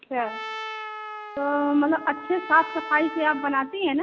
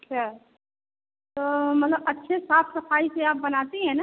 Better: second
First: background sound (Trumpet); 11 dB below the speech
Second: none

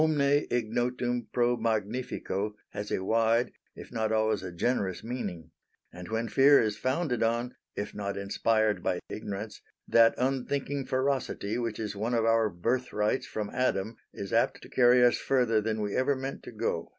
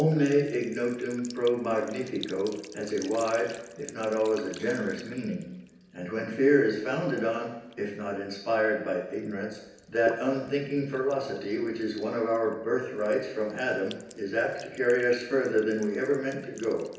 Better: first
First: none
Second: background sound (Trickle, dribble / Sink (filling or washing)); 20 dB below the speech // room echo; dies away in 0.9 s

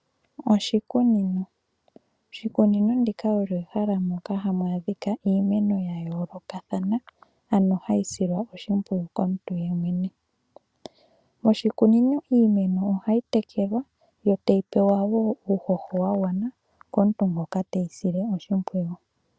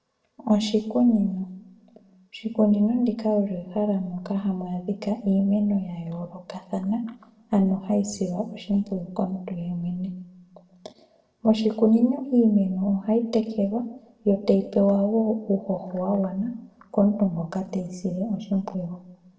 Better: first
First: none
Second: room echo; dies away in 0.6 s

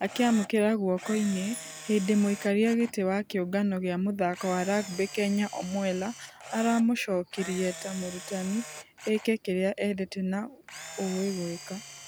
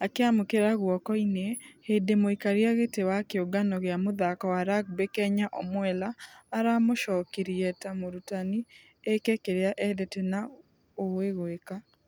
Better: second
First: background sound (Camera); 16 dB below the speech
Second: none

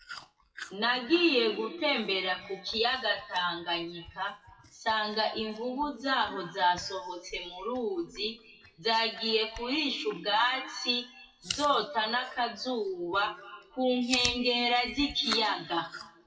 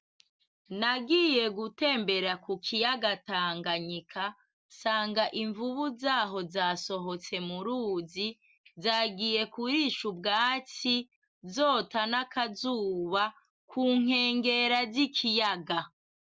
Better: second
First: noise reduction (classical method WPE with log-MMSE)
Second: none

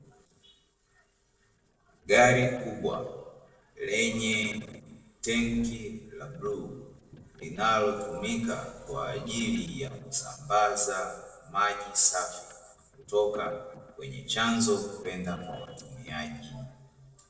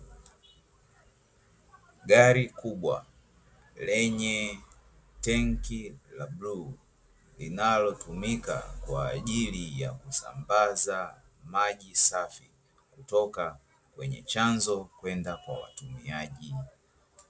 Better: second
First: noise reduction (neural separator model SepFormer DNS4)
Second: none

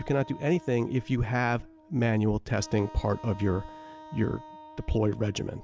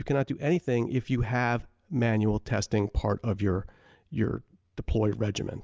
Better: second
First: background sound (Wind instrument, woodwind instrument); 19 dB below the speech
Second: none

